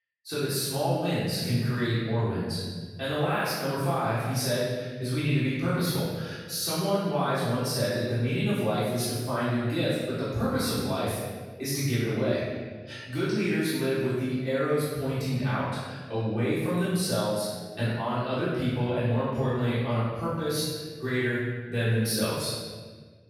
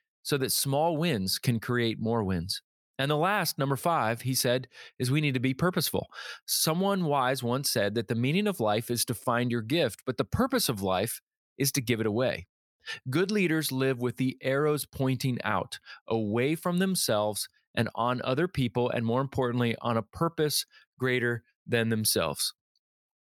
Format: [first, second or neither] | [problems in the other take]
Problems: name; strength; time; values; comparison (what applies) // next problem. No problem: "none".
second | off-mic speech; far // room echo; strong; dies away in 1.4 s